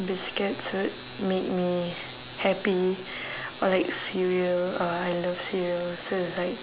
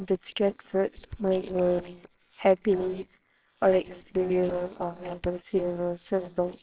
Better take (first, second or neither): first